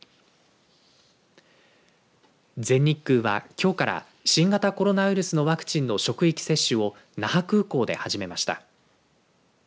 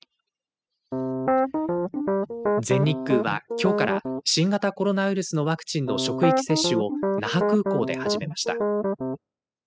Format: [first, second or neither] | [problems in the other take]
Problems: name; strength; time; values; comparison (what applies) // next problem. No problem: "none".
first | noise reduction (classical method spectral subtraction)